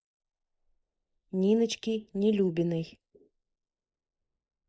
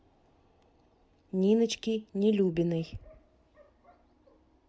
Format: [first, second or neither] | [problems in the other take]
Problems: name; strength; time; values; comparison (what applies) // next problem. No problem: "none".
second | noise reduction (neural mask model Resemble Enhance denoiser)